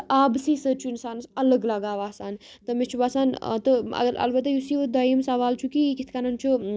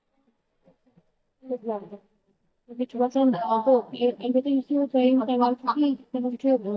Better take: first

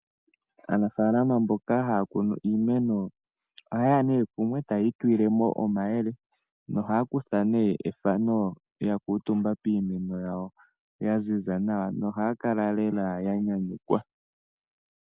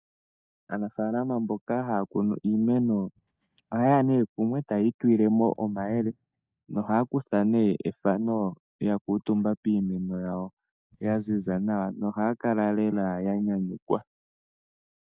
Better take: first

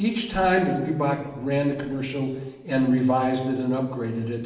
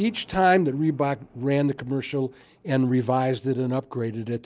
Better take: second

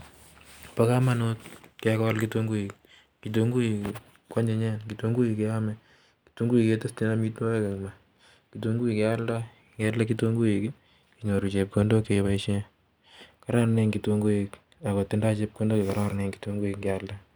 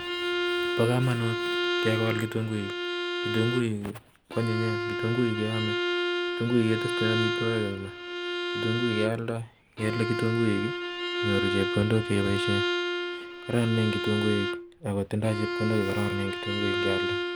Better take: first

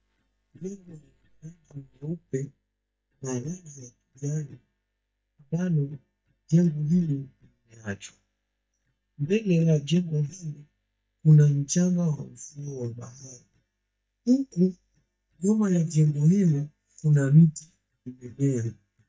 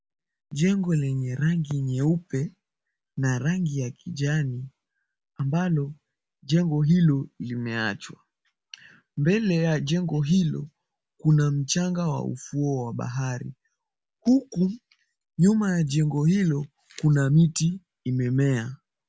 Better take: second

